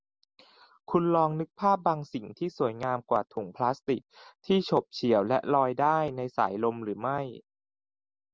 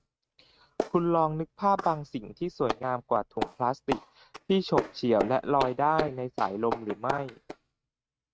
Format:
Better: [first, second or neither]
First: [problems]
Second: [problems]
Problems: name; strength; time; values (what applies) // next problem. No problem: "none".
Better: first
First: none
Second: noise reduction (neural mask model RNNoise)